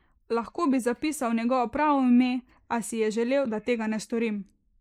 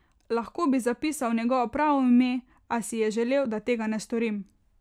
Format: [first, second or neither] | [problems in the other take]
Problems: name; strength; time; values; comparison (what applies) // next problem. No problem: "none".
second | noise reduction (neural mask model Resemble Enhance denoiser)